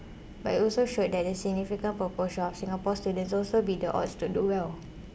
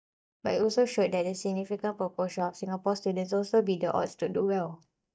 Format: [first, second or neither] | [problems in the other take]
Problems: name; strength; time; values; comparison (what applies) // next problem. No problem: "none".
first | noise reduction (neural mask model DeepFilterNet 3)